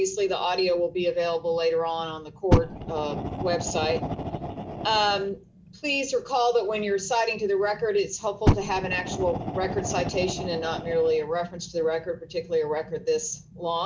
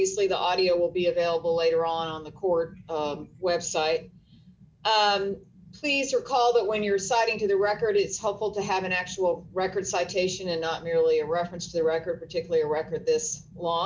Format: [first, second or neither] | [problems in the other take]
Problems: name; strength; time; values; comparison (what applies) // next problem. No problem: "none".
second | background sound (Fire); 6 dB below the speech